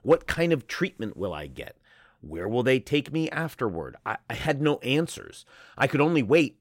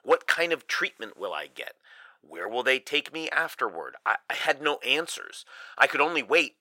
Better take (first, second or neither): first